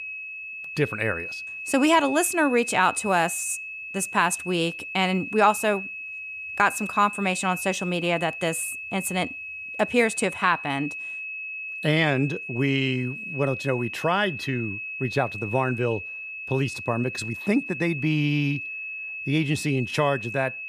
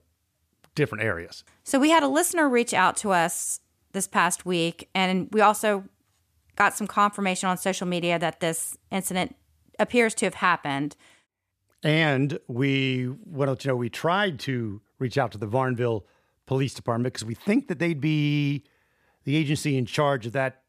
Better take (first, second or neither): second